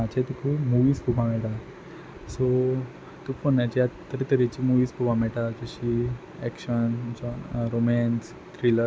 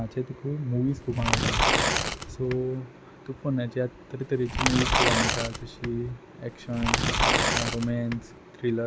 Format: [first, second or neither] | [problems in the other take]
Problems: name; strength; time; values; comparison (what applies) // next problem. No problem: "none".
first | background sound (Tearing); 3 dB above the speech